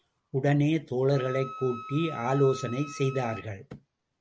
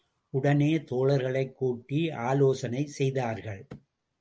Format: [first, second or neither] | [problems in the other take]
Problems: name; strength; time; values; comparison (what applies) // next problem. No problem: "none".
second | background sound (Wind instrument, woodwind instrument); 15 dB below the speech